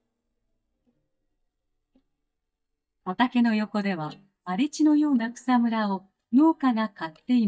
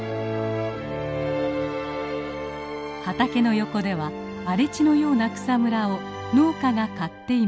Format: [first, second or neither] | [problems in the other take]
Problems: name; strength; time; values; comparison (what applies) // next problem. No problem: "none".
second | noise reduction (neural mask model DeepFilterNet 3)